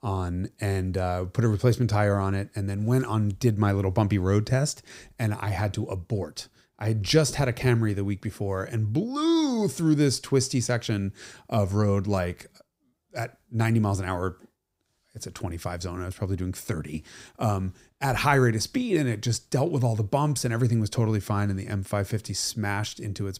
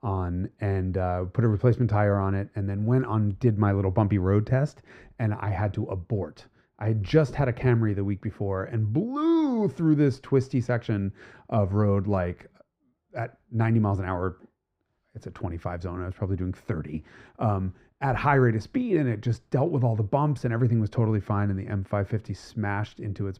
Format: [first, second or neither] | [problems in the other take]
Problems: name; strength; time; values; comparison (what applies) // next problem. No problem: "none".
first | muffled; very; fading above 3.5 kHz